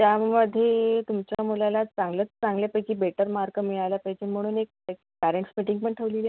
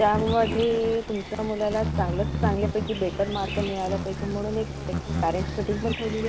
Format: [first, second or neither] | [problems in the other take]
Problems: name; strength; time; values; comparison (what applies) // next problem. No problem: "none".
first | background sound (Insect); 3 dB below the speech